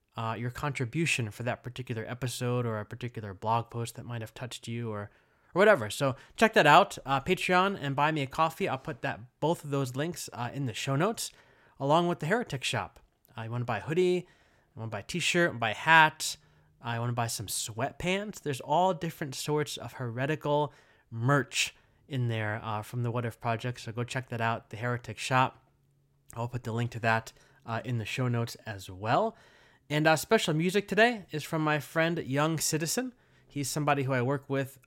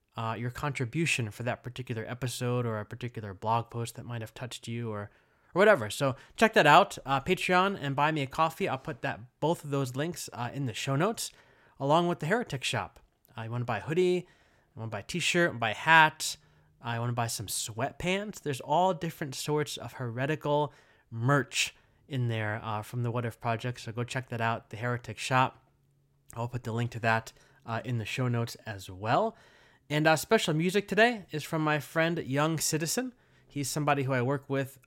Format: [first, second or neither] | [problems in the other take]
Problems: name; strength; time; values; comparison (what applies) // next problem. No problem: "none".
neither | none